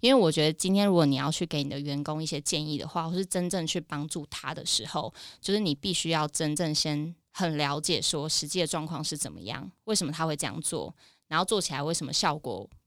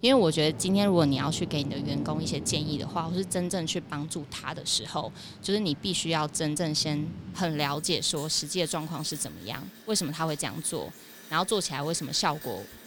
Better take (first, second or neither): first